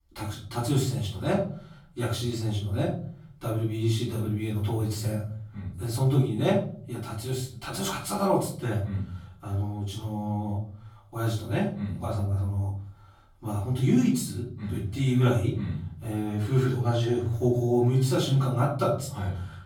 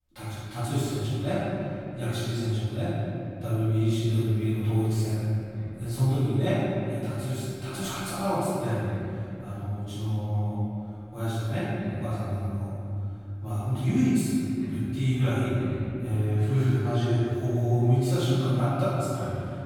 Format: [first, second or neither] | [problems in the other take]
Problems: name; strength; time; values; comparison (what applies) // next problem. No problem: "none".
first | room echo; strong; dies away in 2.9 s; slight in the first // off-mic speech; far; far in the first